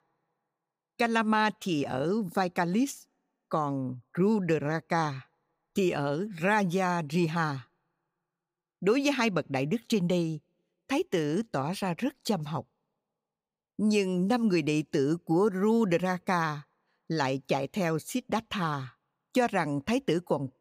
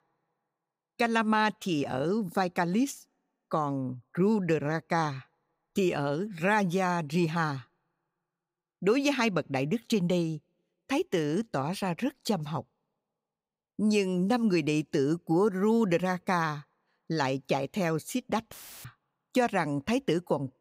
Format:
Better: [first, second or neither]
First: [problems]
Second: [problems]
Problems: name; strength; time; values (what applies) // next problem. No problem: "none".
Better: first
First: none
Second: audio cutting out; filled with static; at 19 s